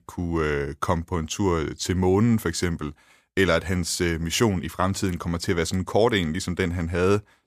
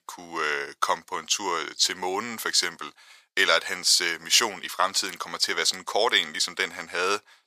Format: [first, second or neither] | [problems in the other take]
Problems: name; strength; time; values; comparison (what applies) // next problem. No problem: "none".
first | thin; very; fading below 800 Hz